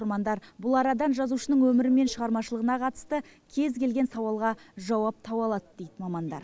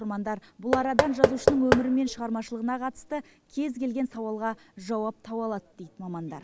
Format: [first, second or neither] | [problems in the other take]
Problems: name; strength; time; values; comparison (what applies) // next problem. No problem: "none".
first | background sound (Knock / Wood); 3 dB above the speech